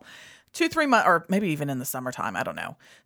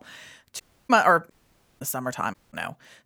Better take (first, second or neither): first